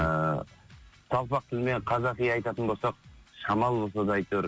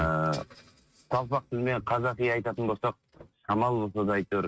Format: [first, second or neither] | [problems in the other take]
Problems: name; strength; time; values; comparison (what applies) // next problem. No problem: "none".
first | noise reduction (neural mask model RNNoise)